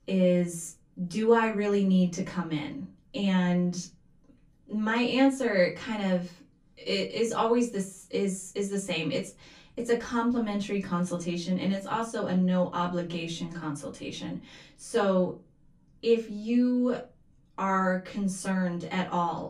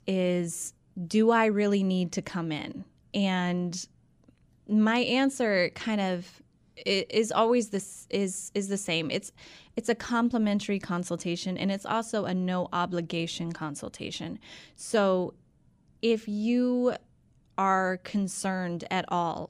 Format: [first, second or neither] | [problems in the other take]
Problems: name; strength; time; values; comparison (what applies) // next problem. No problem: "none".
second | off-mic speech; far // room echo; very slight; dies away in 0.2 s